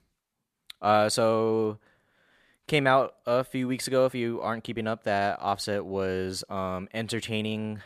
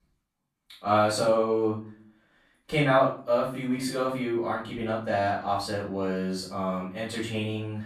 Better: first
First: none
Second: off-mic speech; far // room echo; noticeable; dies away in 0.4 s

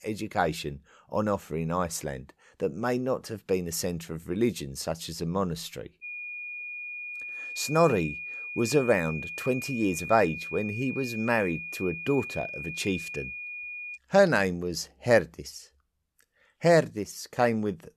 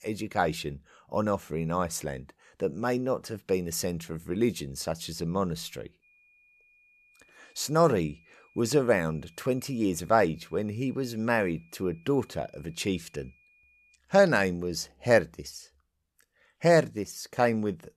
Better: second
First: high-pitched whine; loud; from 6 to 14 s; 2.5 kHz, 8 dB below the speech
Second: high-pitched whine; faint; from 6 to 14 s; 2.5 kHz, 30 dB below the speech

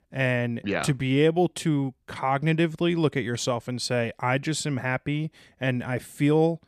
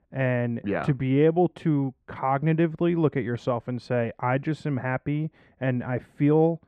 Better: first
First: none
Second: muffled; very; fading above 3.5 kHz

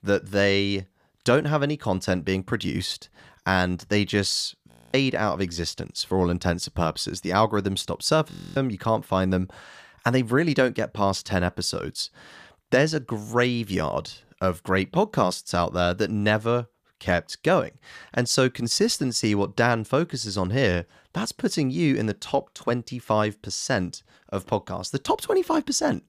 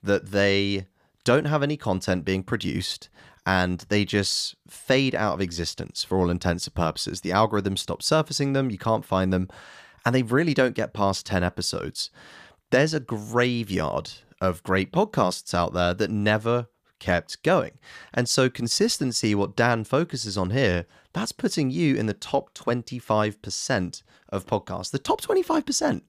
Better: second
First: audio freezing; at 4.5 s and at 8.5 s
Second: none

